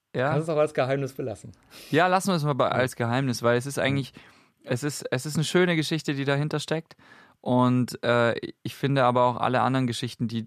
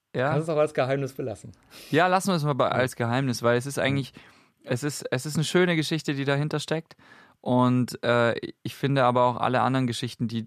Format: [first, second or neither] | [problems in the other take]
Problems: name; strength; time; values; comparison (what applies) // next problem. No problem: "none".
neither | none